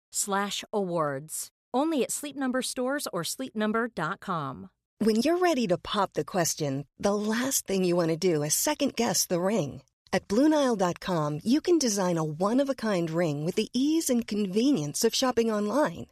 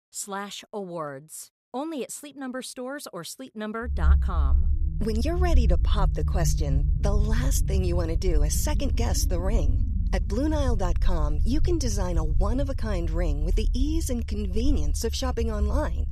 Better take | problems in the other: first | low rumble; noticeable; from 4 s on; 10 dB below the speech

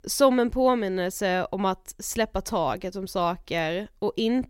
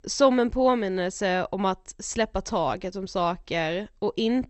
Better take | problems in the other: first | garbled, watery; slightly; nothing above 8 kHz

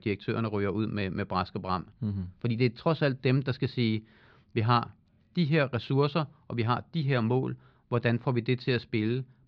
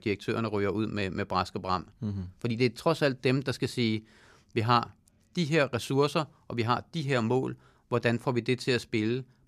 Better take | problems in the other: second | muffled; very slightly; fading above 4 kHz

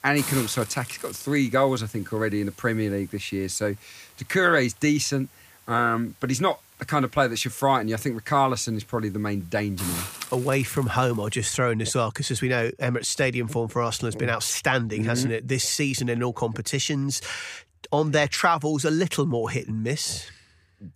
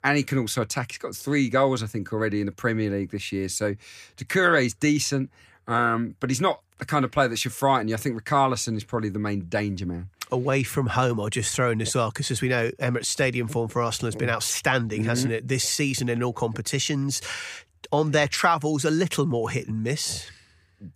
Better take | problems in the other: second | hiss; noticeable; until 11 s; 10 dB below the speech

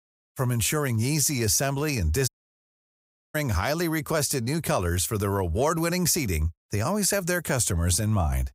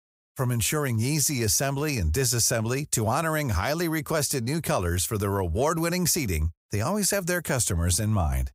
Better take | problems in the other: second | audio cutting out; at 2.5 s for 1 s

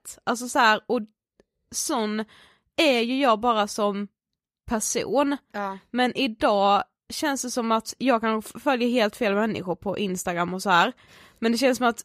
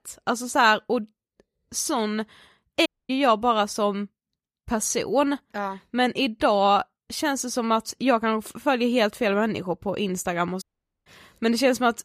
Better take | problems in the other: first | audio cutting out; at 3 s and at 11 s

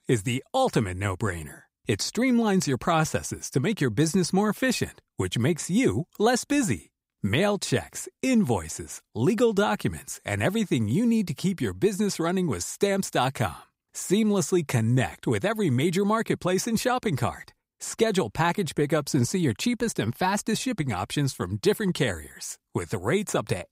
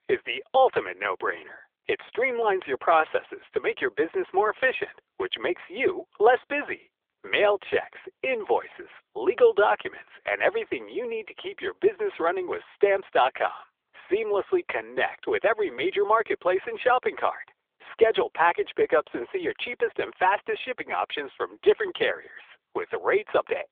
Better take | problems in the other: first | phone-call audio; nothing above 3.5 kHz

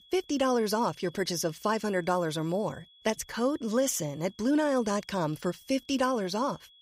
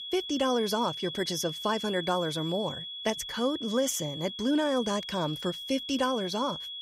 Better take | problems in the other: first | high-pitched whine; loud; throughout; 3.5 kHz, 6 dB below the speech; faint in the first

